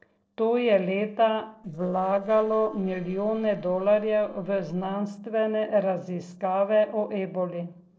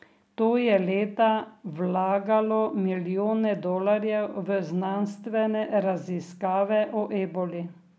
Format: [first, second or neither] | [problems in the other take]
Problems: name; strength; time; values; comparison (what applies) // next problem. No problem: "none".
second | noise reduction (neural separator model SepFormer DNS4)